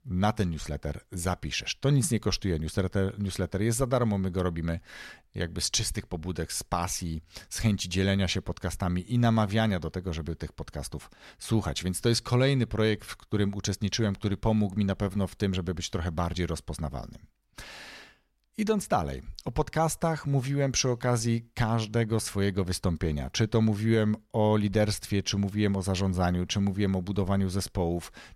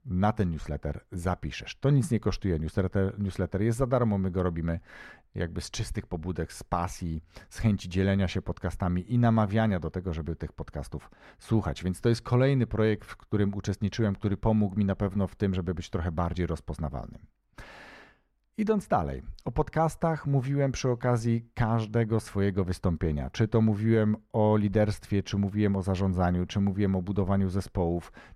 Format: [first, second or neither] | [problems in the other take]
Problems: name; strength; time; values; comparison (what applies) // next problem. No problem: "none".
first | muffled; slightly; fading above 2.5 kHz